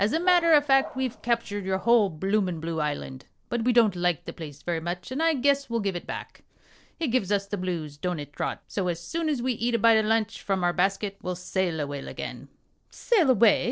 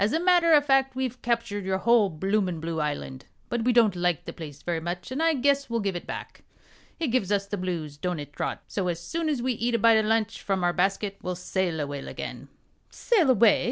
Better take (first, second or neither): second